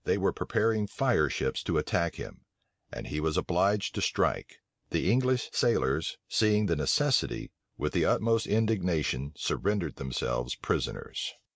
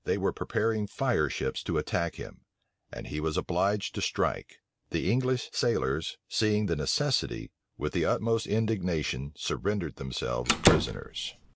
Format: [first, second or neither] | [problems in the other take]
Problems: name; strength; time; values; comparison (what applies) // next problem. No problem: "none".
first | background sound (Slam); 2 dB above the speech